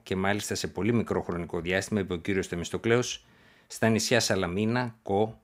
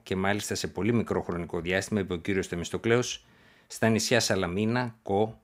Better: neither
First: none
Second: none

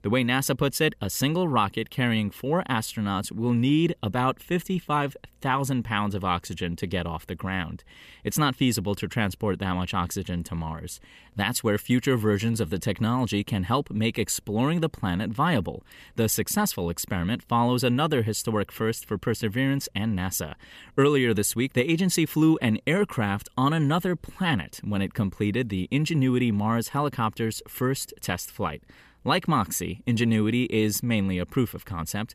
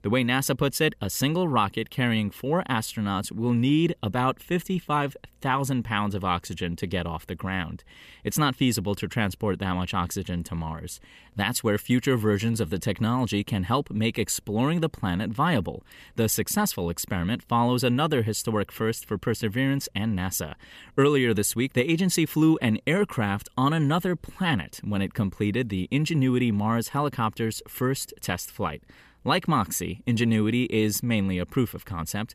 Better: neither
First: none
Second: none

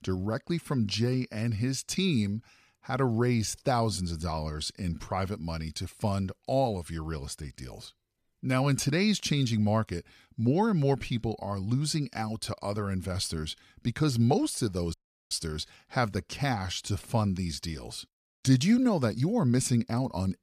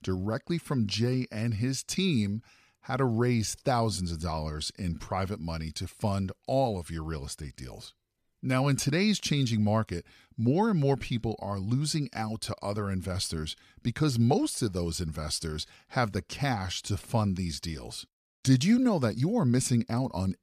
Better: second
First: audio cutting out; at 15 s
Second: none

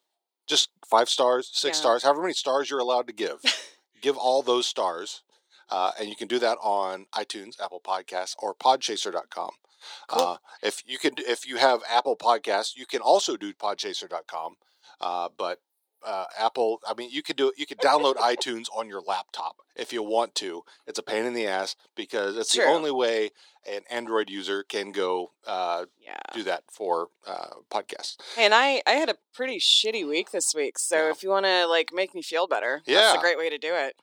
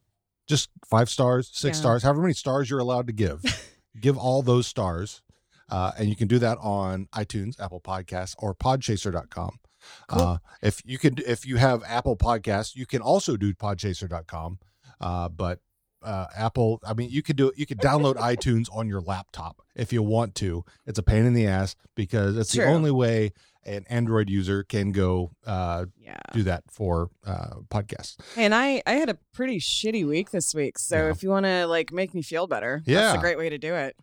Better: second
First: thin; very; fading below 350 Hz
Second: none

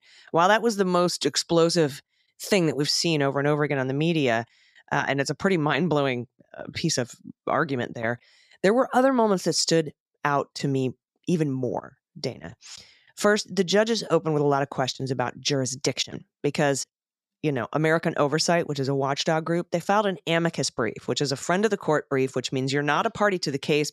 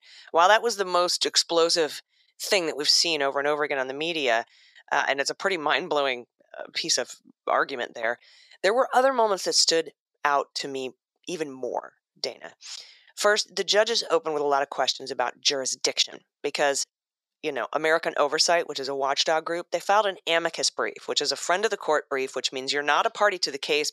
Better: first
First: none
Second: thin; very; fading below 600 Hz

